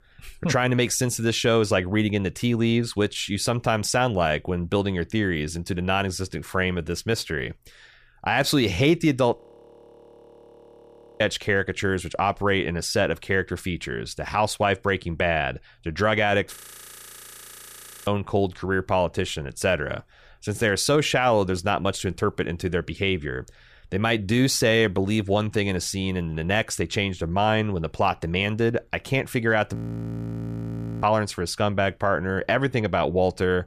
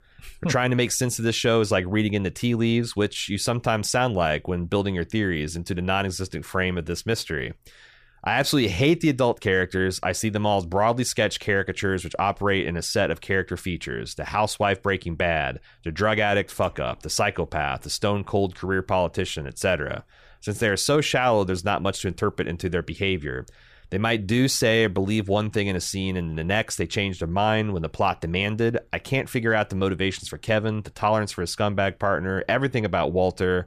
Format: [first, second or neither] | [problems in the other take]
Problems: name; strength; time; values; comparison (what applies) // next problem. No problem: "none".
second | audio freezing; at 9.5 s for 2 s, at 17 s for 1.5 s and at 30 s for 1.5 s